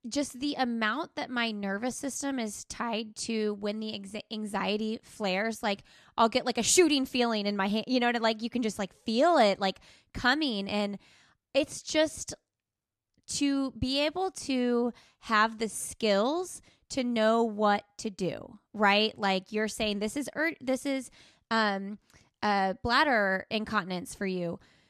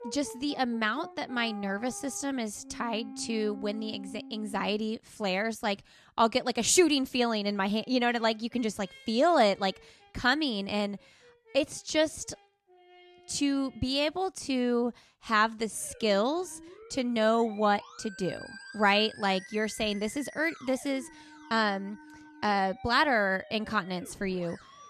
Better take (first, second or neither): first